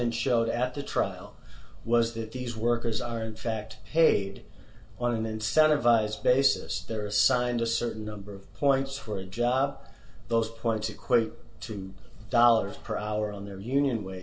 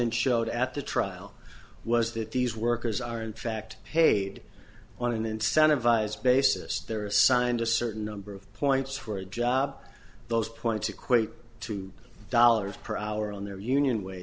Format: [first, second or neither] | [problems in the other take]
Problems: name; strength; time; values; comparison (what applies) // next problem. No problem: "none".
second | room echo; dies away in 0.2 s